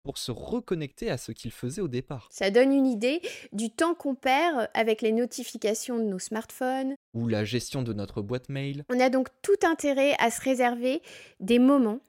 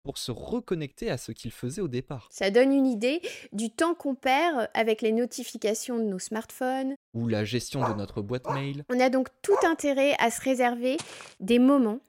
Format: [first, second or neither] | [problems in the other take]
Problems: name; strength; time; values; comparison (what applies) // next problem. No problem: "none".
first | dog barking; noticeable; from 8 to 9.5 s; peak 5 dB below the speech // footsteps; faint; at 11 s; peak 15 dB below the speech